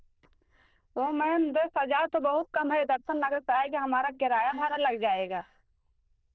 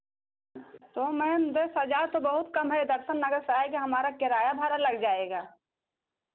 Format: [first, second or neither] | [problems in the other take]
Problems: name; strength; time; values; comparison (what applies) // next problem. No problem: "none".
second | noise reduction (neural diffusion model UNIVERSE++)